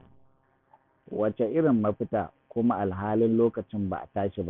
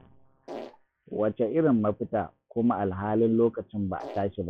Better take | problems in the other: first | noise reduction (classical method log-MMSE)

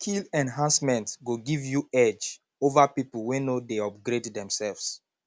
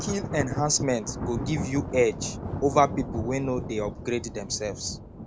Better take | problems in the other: first | background sound (Thunder); 6 dB below the speech

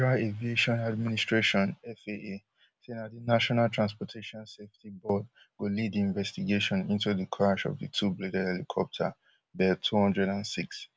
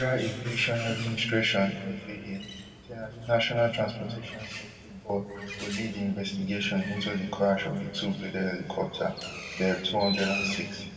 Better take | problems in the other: first | background sound (Bird); 11 dB below the speech // room echo; dies away in 1.9 s

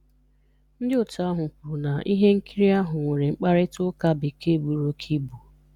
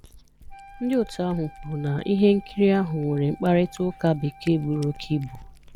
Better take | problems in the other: first | background sound (Cat + Wind instrument, woodwind instrument); 20 dB below the speech

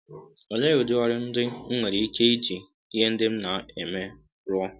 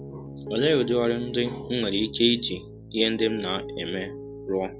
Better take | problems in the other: first | background sound (Piano); 11 dB below the speech

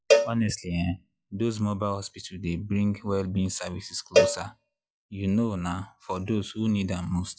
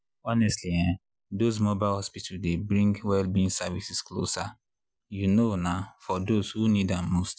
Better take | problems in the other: second | noise reduction (classical method log-MMSE)

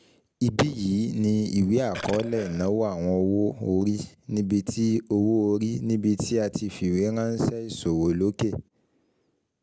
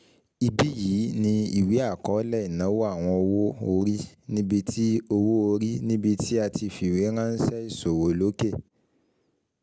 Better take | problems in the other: second | background sound (Burping, eructation); 13 dB below the speech

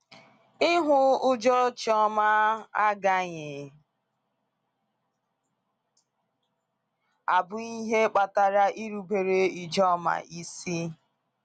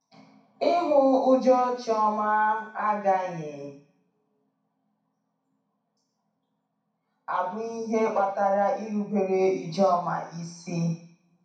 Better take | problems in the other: first | room echo; dies away in 0.6 s

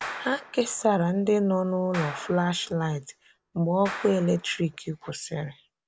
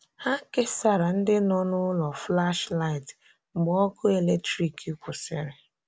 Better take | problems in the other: second | background sound (Clapping); 15 dB below the speech

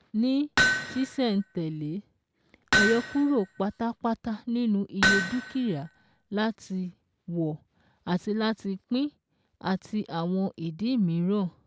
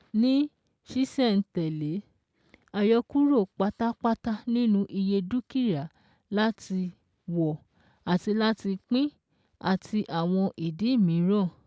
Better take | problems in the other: second | background sound (Hammer); as loud as the speech

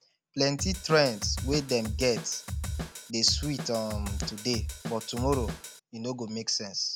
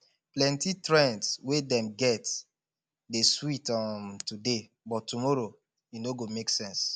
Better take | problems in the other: second | background sound (Drum kit); 5 dB below the speech

